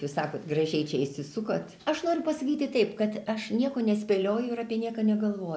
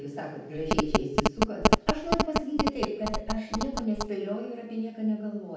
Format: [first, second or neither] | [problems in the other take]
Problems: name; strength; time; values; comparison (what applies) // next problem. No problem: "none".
first | background sound (Telephone); 5 dB above the speech // room echo; dies away in 0.8 s